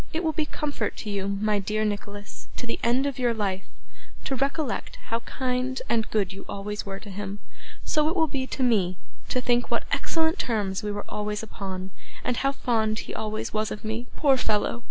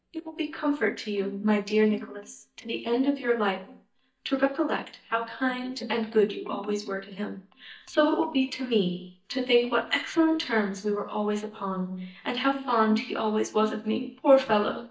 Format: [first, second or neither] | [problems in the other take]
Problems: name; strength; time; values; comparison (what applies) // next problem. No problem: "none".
first | noise reduction (neural mask model DeepFilterNet 3)